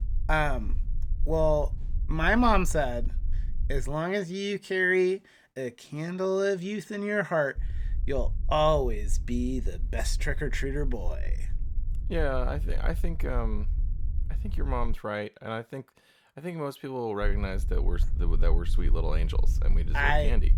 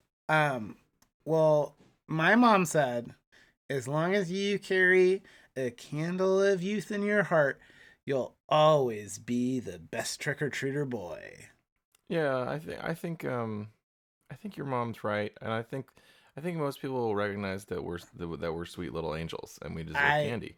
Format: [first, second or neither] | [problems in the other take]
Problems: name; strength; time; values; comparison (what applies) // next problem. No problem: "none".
second | low rumble; faint; until 4 s, from 7.5 to 15 s and from 17 s on; 25 dB below the speech